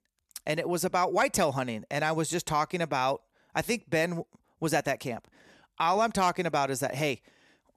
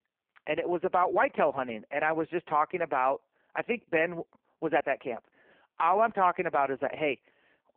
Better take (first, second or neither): first